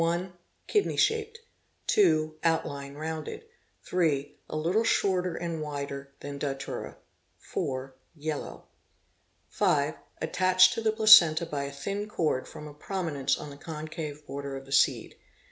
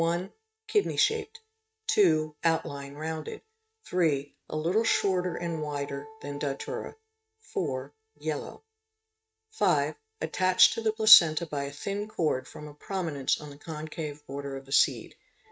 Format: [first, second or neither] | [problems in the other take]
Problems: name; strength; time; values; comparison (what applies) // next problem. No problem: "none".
first | noise reduction (neural mask model RNNoise)